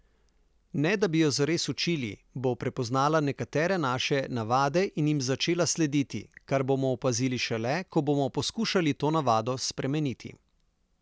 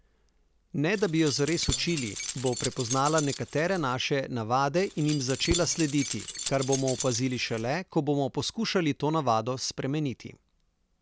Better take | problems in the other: first | background sound (Keys jangling); 8 dB below the speech

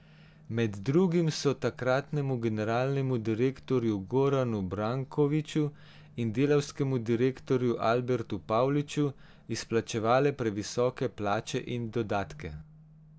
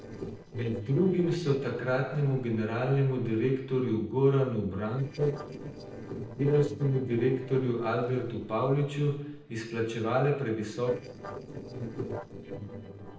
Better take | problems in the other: first | noise reduction (neural separator model SepFormer DNS4)

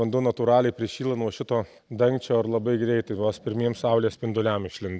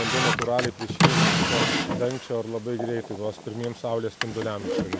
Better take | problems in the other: first | background sound (Drawer open or close); 3 dB above the speech

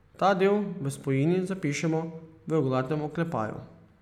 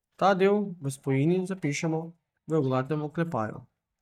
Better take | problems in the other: first | noise reduction (neural mask model DeepFilterNet 3)

